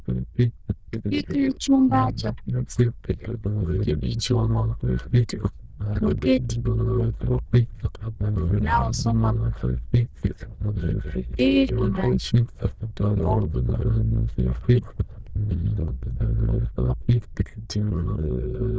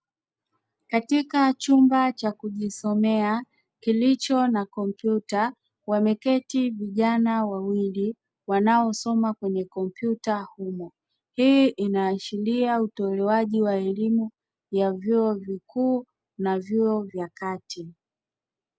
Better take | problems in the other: second | noise reduction (neural diffusion model UNIVERSE++)

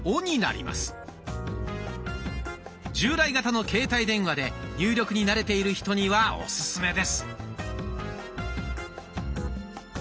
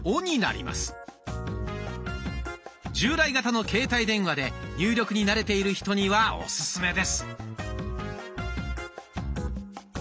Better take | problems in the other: second | background sound (Musical instrument); 18 dB below the speech

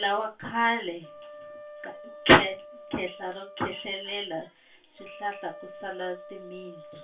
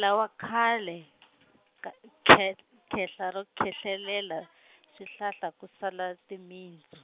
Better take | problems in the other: second | background sound (Wind instrument, woodwind instrument); 17 dB below the speech // room echo; dies away in 0.2 s

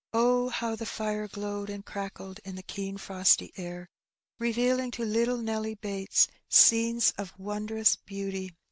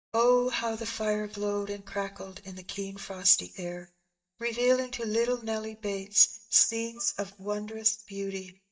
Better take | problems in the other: first | noise reduction (neural mask model DeepFilterNet 3)

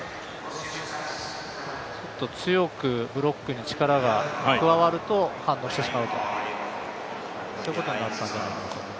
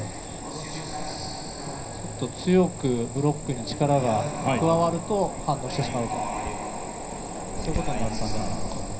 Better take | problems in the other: first | background sound (Cricket); 7 dB below the speech // room echo; dies away in 0.4 s

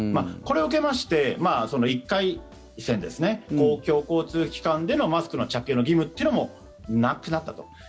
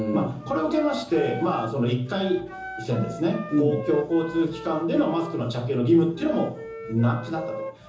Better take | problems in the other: first | background sound (Wind instrument, woodwind instrument); 13 dB below the speech // room echo; dies away in 0.6 s

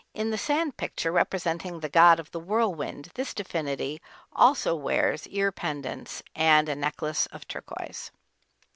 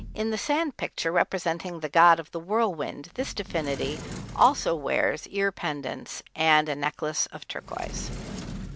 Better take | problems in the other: first | background sound (Sliding door); 15 dB below the speech

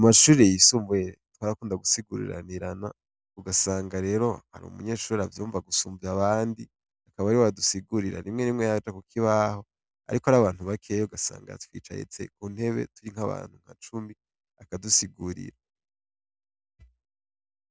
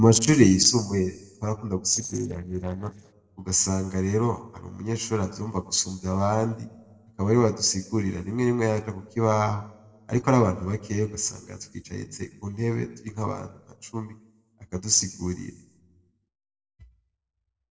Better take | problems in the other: first | noise reduction (neural separator model SepFormer DNS4)

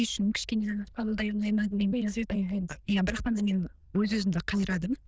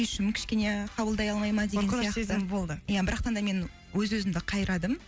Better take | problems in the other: second | noise reduction (neural diffusion model UNIVERSE++)

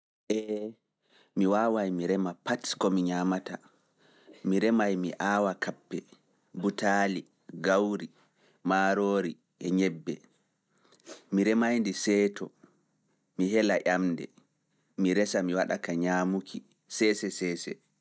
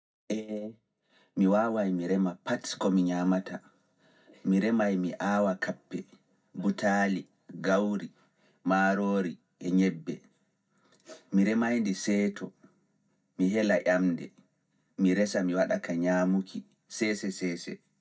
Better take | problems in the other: first | room echo; dies away in 0.3 s

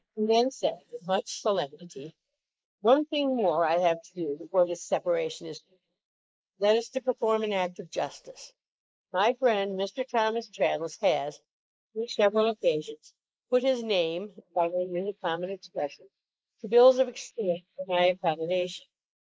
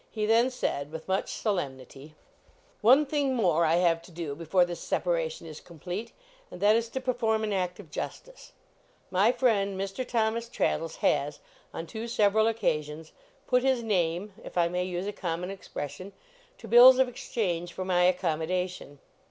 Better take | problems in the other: second | noise reduction (neural mask model Resemble Enhance denoiser)

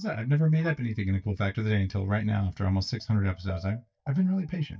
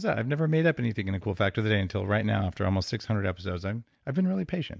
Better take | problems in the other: second | noise reduction (neural mask model DeepFilterNet 3)

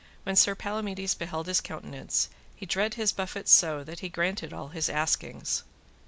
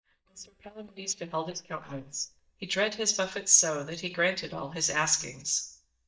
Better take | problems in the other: first | noise reduction (neural mask model DeepFilterNet 3)

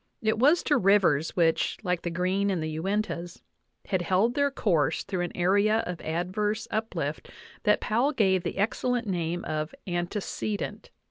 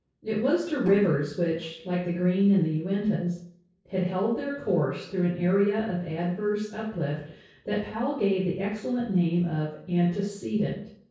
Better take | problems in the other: first | noise reduction (neural separator model SepFormer DNS4)

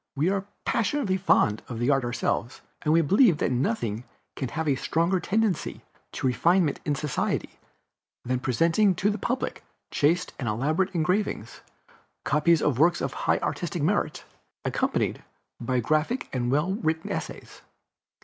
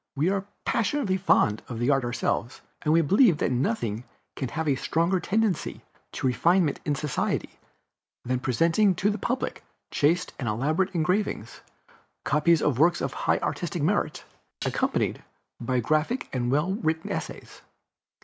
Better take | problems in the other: first | background sound (Dishes, pots, and pans); 16 dB below the speech

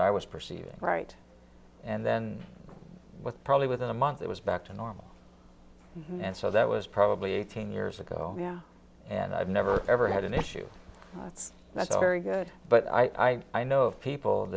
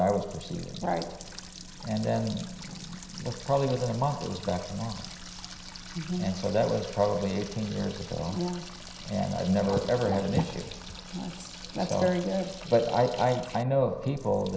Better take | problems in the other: first | background sound (Water tap, faucet); 14 dB below the speech // room echo; dies away in 0.9 s

